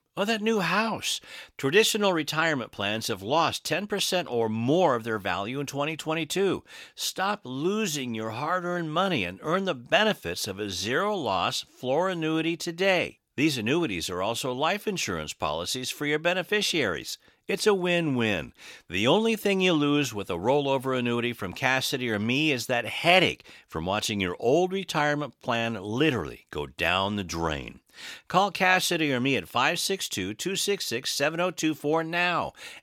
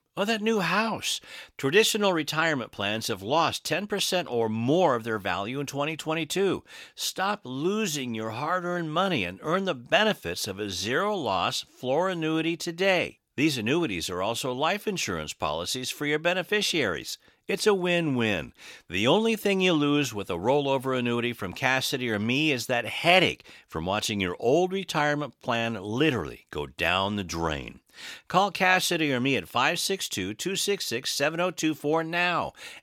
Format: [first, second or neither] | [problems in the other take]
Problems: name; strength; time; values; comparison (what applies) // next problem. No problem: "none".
neither | none